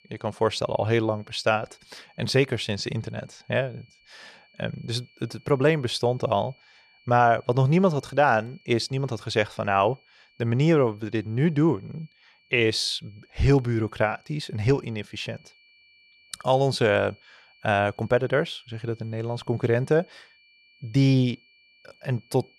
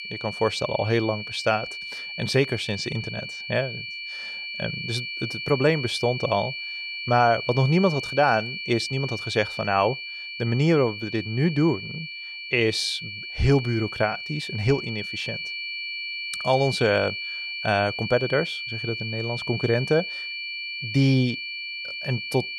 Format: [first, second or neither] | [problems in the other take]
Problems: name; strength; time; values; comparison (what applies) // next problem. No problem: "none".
first | high-pitched whine; loud; throughout; 2.5 kHz, 6 dB below the speech; faint in the first